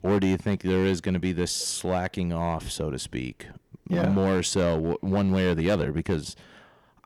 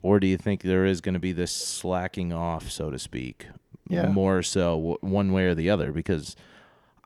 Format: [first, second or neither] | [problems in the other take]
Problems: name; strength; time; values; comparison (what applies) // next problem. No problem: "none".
second | distortion; slight; 6% of the sound clipped